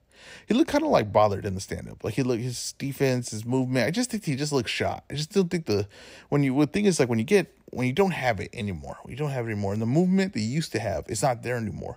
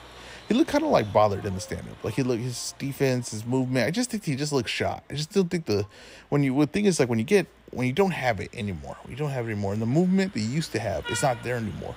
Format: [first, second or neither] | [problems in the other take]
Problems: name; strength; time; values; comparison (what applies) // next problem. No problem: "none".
first | traffic noise; noticeable; throughout; 20 dB below the speech